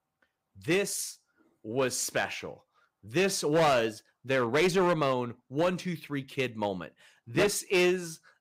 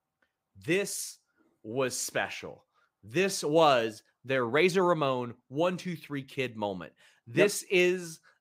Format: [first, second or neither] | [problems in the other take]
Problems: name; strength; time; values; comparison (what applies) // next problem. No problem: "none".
second | distortion; slight; 5% of the sound clipped